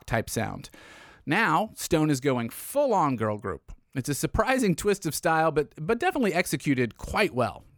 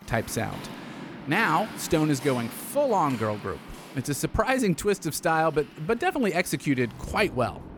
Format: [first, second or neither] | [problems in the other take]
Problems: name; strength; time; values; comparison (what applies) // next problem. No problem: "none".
first | rain or running water; noticeable; throughout; 15 dB below the speech